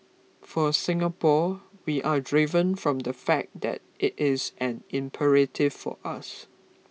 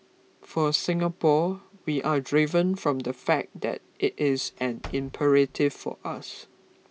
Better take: first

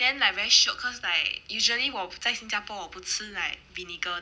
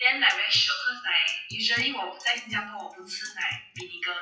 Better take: first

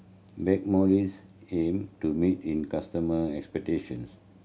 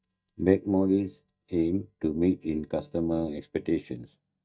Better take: first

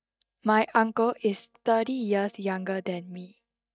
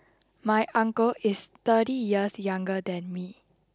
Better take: second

